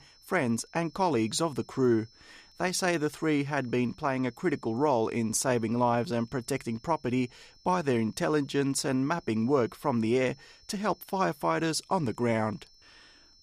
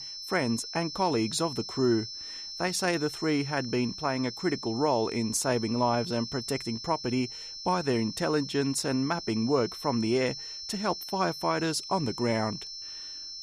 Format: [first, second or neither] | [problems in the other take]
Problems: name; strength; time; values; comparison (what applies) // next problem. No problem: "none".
first | high-pitched whine; loud; throughout; 5.5 kHz, 8 dB below the speech; faint in the first